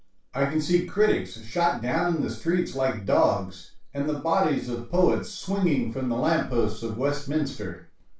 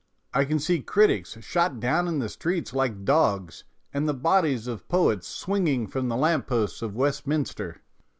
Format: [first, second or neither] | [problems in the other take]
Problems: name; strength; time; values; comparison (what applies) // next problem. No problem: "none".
second | room echo; dies away in 0.3 s